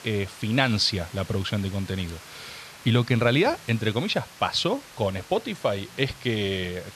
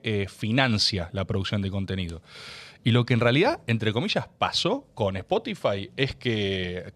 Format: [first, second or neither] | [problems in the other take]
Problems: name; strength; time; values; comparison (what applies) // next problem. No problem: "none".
second | hiss; noticeable; throughout; 20 dB below the speech